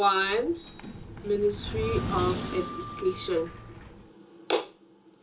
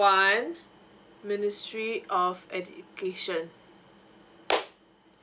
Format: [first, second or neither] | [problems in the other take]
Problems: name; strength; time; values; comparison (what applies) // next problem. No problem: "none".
second | background sound (Sliding door); 6 dB below the speech // room echo; dies away in 0.2 s